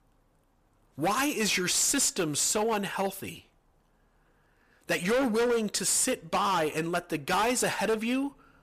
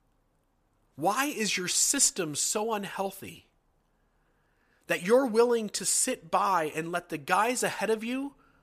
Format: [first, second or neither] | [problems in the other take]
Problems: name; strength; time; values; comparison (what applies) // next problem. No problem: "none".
second | distortion; heavy; 13% of the sound clipped